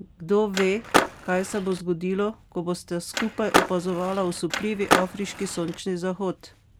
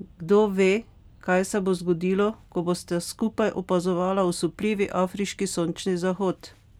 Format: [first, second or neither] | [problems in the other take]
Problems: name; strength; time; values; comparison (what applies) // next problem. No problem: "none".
second | background sound (Skateboard); as loud as the speech